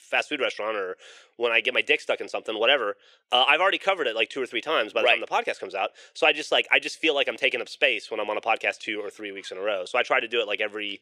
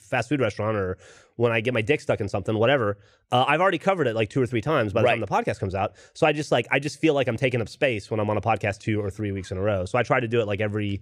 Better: second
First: thin; very; fading below 400 Hz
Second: none

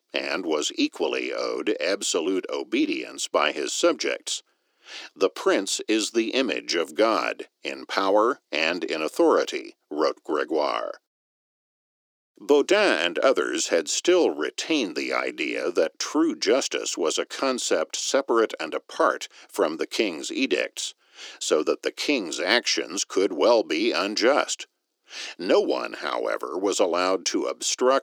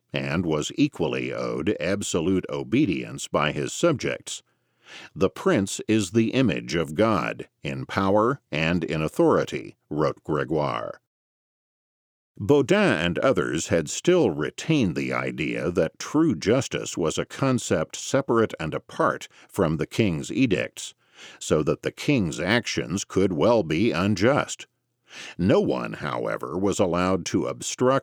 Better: second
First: thin; somewhat; fading below 300 Hz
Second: none

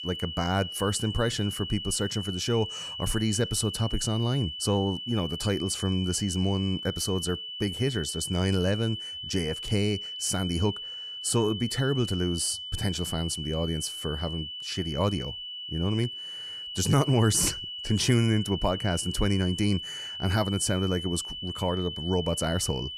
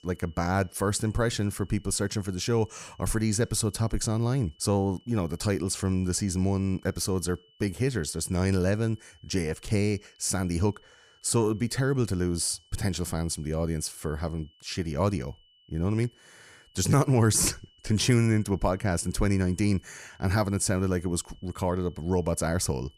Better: second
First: high-pitched whine; loud; throughout; 3 kHz, 7 dB below the speech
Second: high-pitched whine; faint; throughout; 3 kHz, 30 dB below the speech

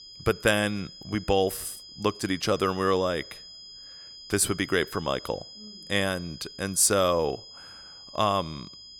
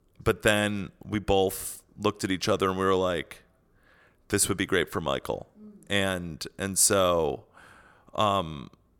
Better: second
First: high-pitched whine; noticeable; throughout; 5 kHz, 15 dB below the speech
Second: none

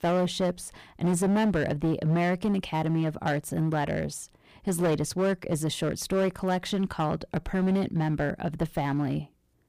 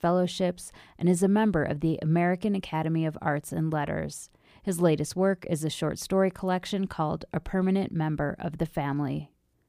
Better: second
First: distortion; slight; 10% of the sound clipped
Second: none

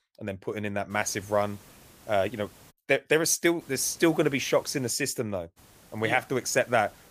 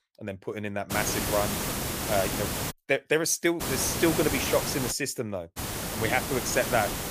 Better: first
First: hiss; faint; from 1 to 2.5 s, from 3.5 to 5 s and from 5.5 s on; 25 dB below the speech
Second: hiss; loud; from 1 to 2.5 s, from 3.5 to 5 s and from 5.5 s on; 2 dB below the speech

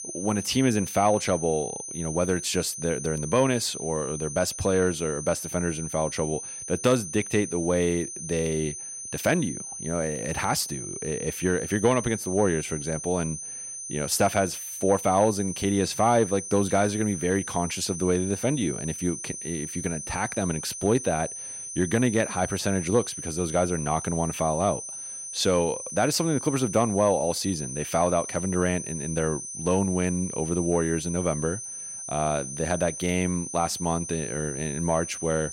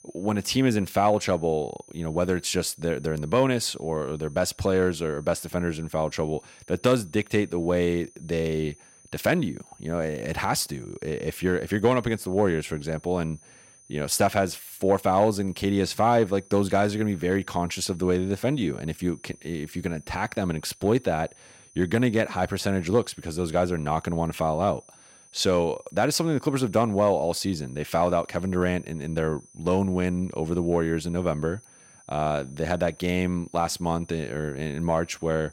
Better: second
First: high-pitched whine; loud; throughout; 6 kHz, 7 dB below the speech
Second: high-pitched whine; faint; throughout; 6 kHz, 25 dB below the speech

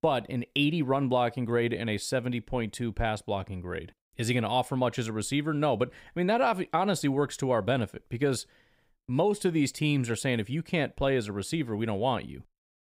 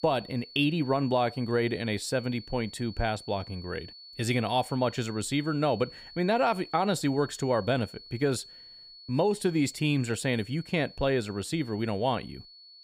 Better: first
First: none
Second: high-pitched whine; noticeable; throughout; 4.5 kHz, 15 dB below the speech

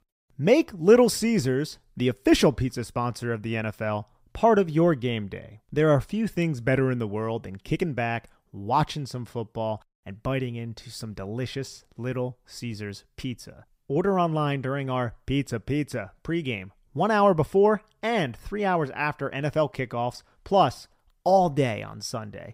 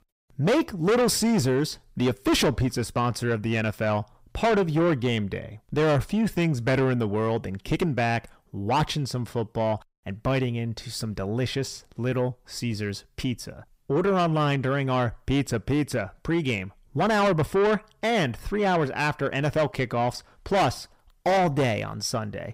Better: first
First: none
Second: distortion; heavy; 6 dB below the speech

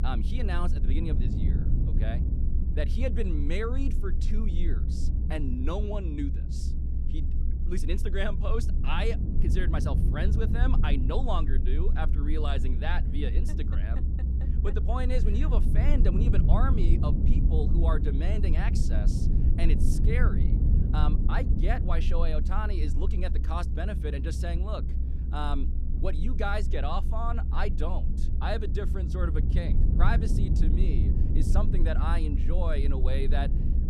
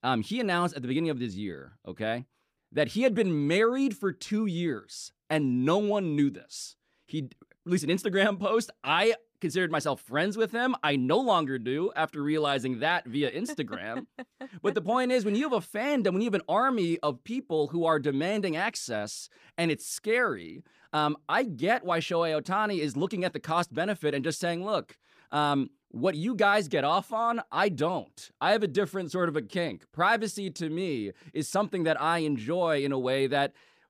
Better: second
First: low rumble; loud; throughout; 6 dB below the speech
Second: none

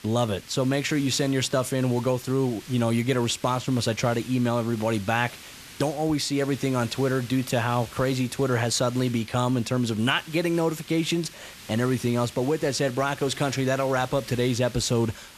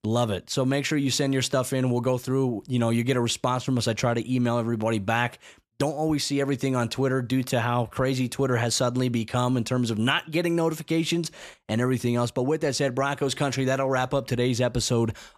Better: second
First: hiss; noticeable; throughout; 20 dB below the speech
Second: none

